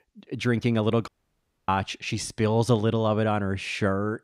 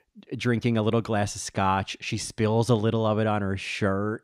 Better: second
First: audio cutting out; at 1 s for 0.5 s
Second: none

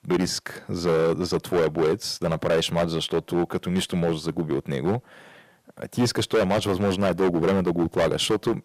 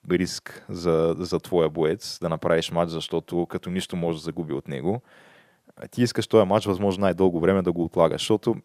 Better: second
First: distortion; heavy; 10% of the sound clipped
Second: none

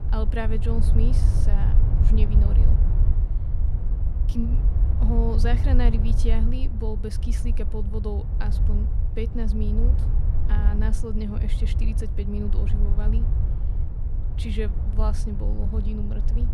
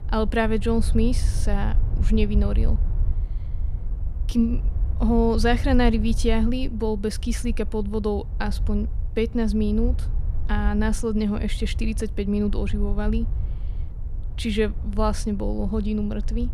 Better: second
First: wind noise on the microphone; heavy; 5 dB below the speech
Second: wind noise on the microphone; occasional gusts; 20 dB below the speech

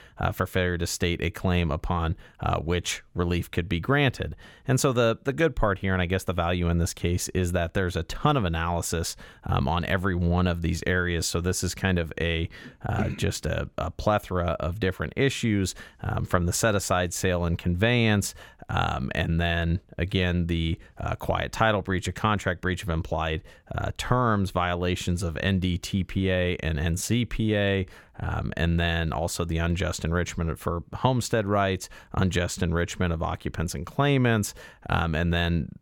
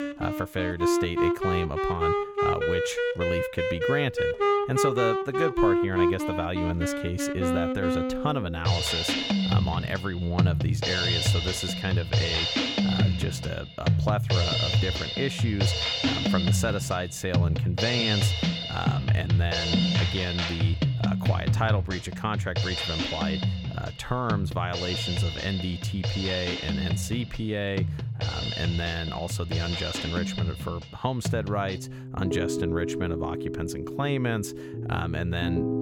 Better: first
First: none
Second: background music; very loud; throughout; 4 dB above the speech

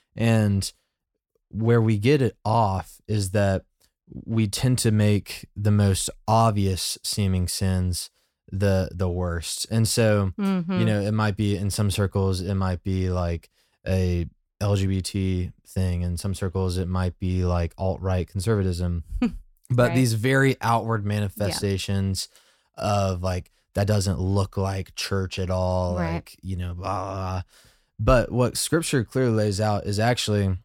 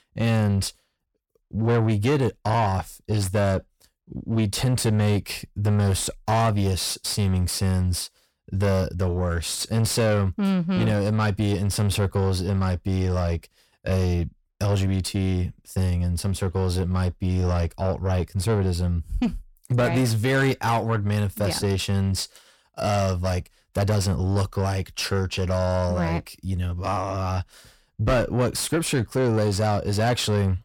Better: first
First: none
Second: distortion; slight; 10 dB below the speech

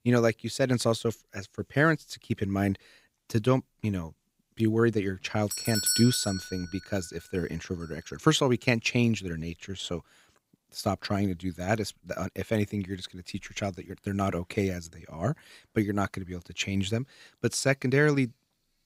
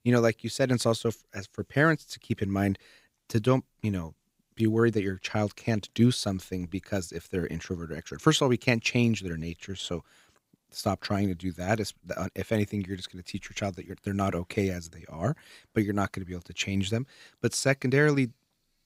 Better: second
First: doorbell; loud; at 5.5 s; peak 4 dB above the speech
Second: none

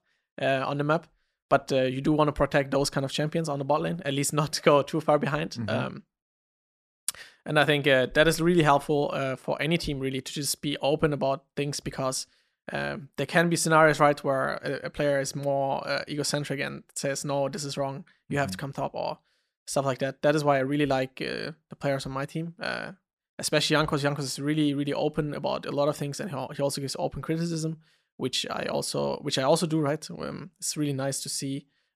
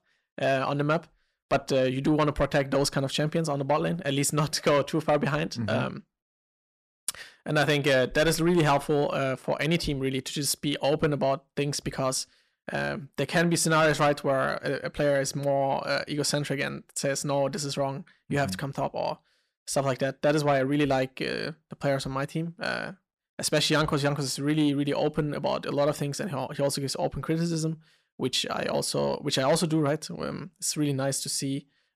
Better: first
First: none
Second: distortion; slight; 10 dB below the speech

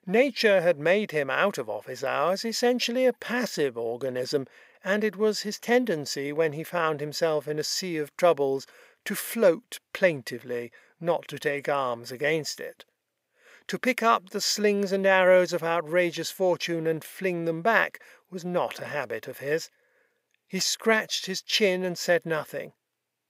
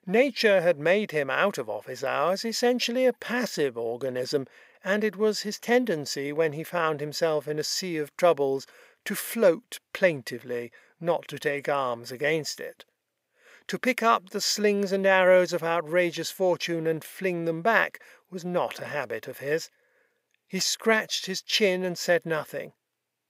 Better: neither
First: thin; somewhat; fading below 350 Hz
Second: thin; somewhat; fading below 350 Hz

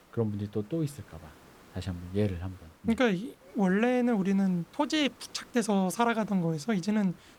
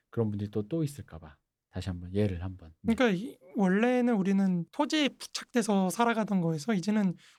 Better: second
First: hiss; faint; throughout; 25 dB below the speech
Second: none

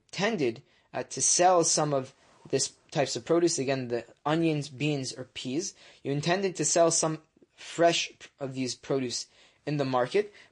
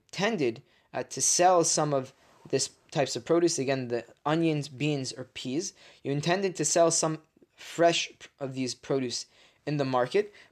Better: second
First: garbled, watery; slightly; nothing above 8.5 kHz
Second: none

